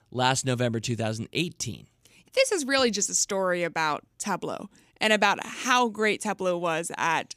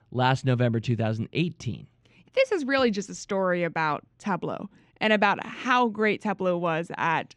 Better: first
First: none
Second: muffled; slightly; fading above 3 kHz

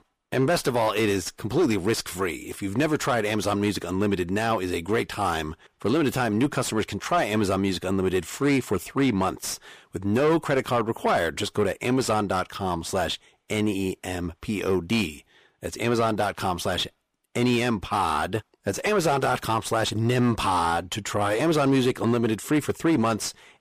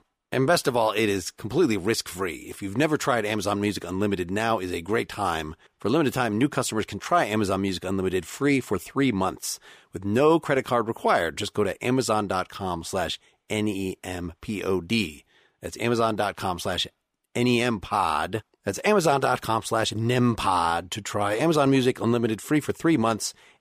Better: second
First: distortion; slight; 10 dB below the speech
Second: none

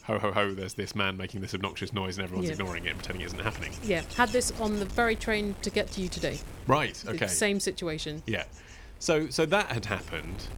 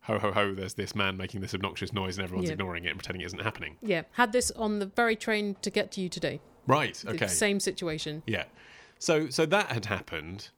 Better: second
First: wind noise on the microphone; occasional gusts; 15 dB below the speech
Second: none

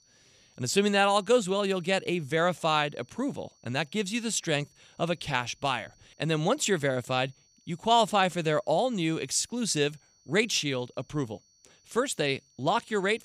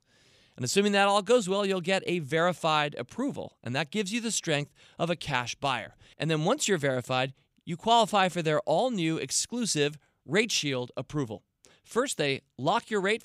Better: second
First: high-pitched whine; faint; throughout; 6 kHz, 35 dB below the speech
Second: none

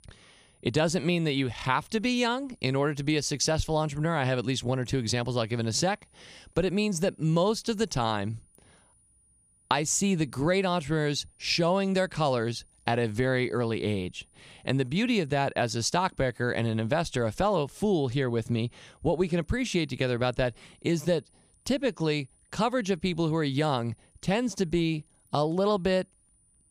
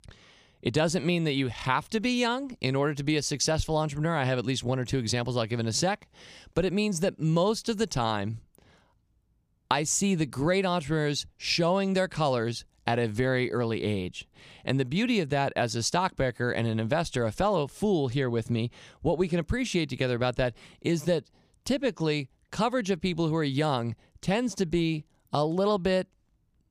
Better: second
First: high-pitched whine; faint; throughout; 9.5 kHz, 35 dB below the speech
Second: none

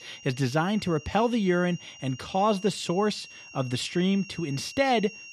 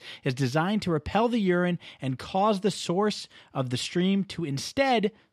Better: second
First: high-pitched whine; noticeable; throughout; 3 kHz, 15 dB below the speech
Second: none

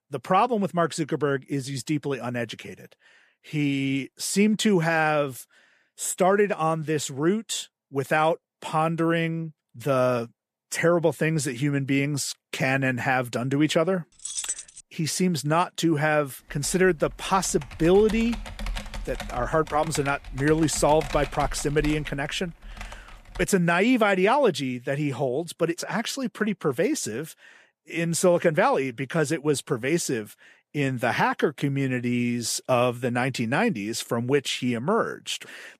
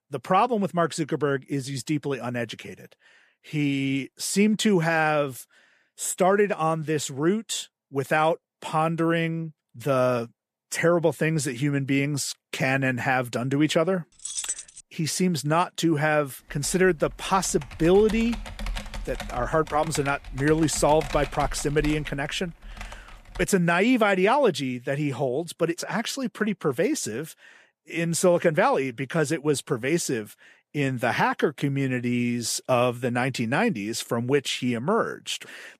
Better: neither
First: jangling keys; noticeable; at 14 s; peak 4 dB below the speech // keyboard typing; faint; from 17 to 23 s; peak 10 dB below the speech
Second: jangling keys; noticeable; at 14 s; peak 4 dB below the speech // keyboard typing; faint; from 17 to 23 s; peak 10 dB below the speech

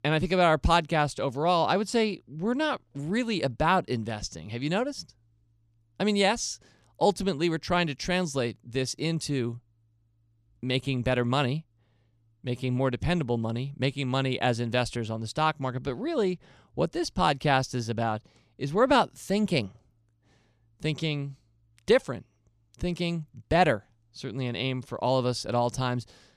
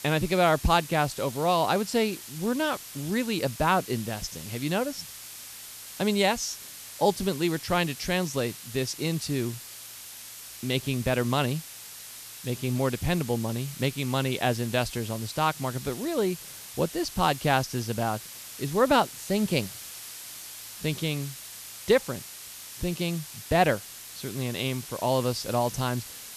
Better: first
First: none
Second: hiss; noticeable; throughout; 10 dB below the speech

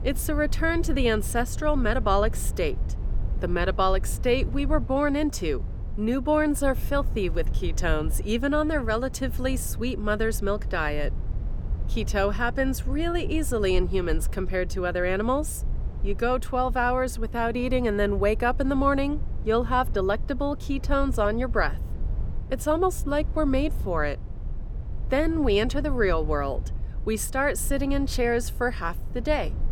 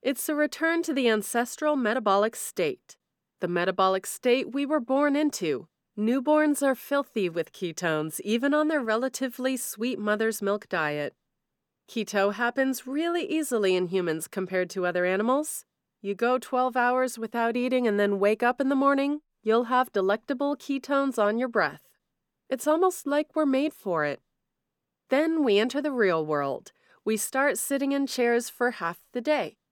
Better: second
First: low rumble; faint; throughout; 20 dB below the speech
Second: none

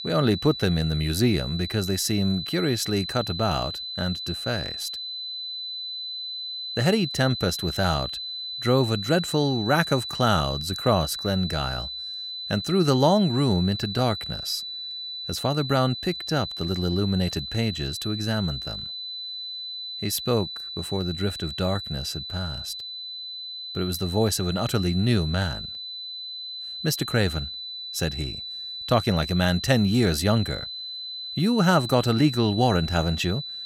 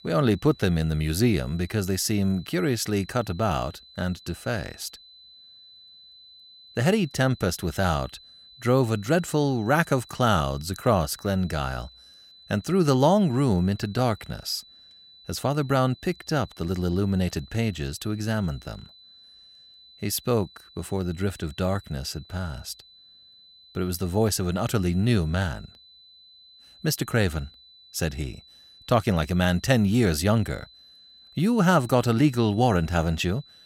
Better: second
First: high-pitched whine; loud; throughout; 4 kHz, 7 dB below the speech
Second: high-pitched whine; faint; throughout; 4 kHz, 25 dB below the speech

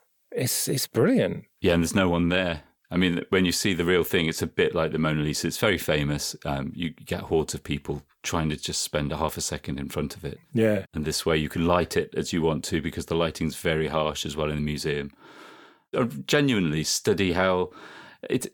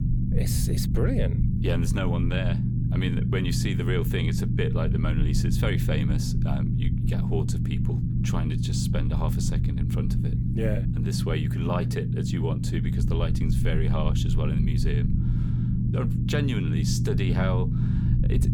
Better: first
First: none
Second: low rumble; loud; throughout; 2 dB below the speech

